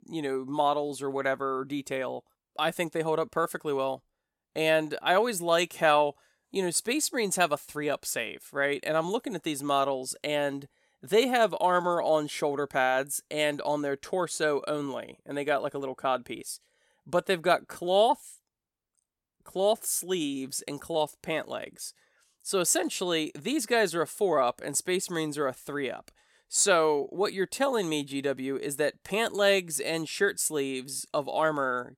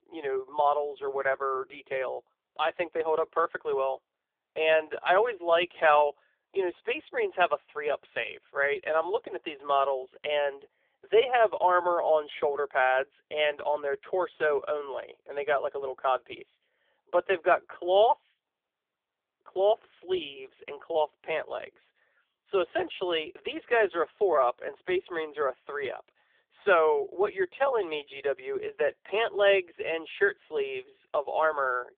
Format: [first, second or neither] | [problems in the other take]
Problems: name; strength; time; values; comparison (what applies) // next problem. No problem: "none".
first | phone-call audio; poor line; nothing above 3.5 kHz